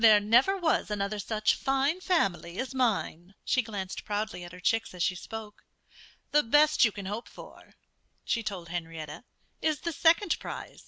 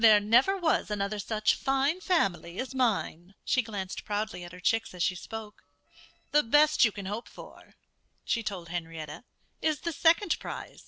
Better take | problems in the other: first | noise reduction (neural separator model SepFormer DNS4)

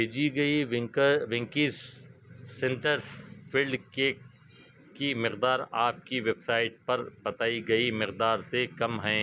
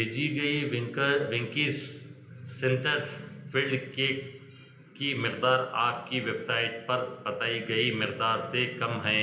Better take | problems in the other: first | room echo; dies away in 0.8 s

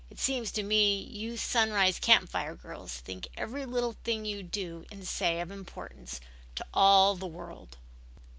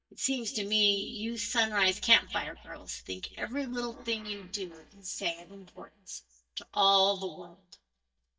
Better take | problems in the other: first | noise reduction (neural mask model DeepFilterNet 3)

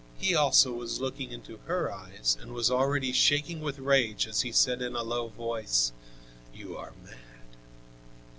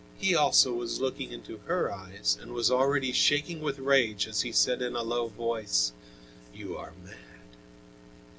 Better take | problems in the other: first | room echo; dies away in 0.3 s

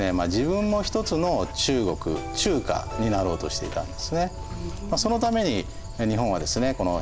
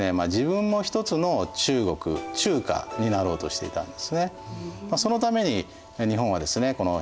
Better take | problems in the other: second | background sound (Dog); 10 dB below the speech

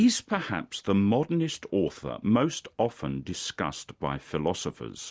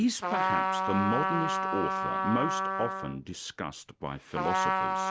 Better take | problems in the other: first | background sound (Trumpet); 3 dB above the speech

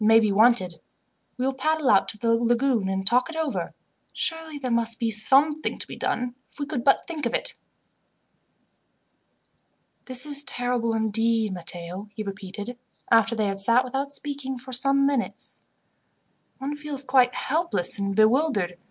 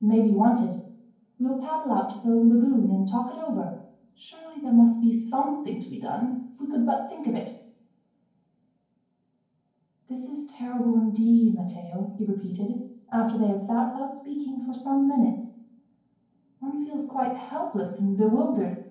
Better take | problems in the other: first | room echo; dies away in 0.9 s

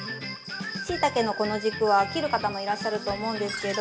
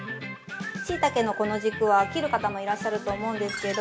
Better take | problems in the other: second | background sound (Cricket); 14 dB below the speech

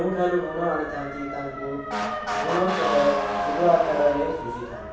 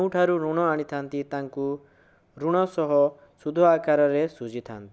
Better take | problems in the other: second | background sound (Motor vehicle (road) / Siren); 4 dB below the speech // room echo; dies away in 0.7 s

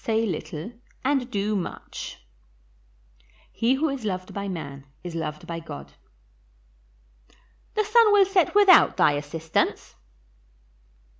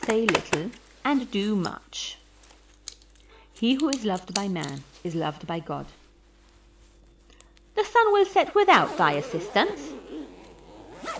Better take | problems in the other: first | background sound (Zipper (clothing)); 11 dB below the speech

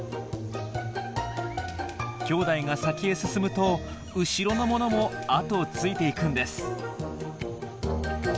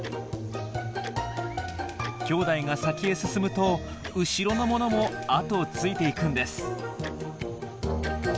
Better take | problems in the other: first | background sound (Tick-tock); 19 dB below the speech

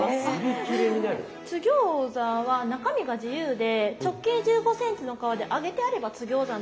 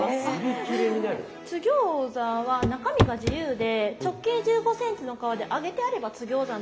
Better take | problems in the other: first | background sound (Walk, footsteps / Run / Wood); as loud as the speech

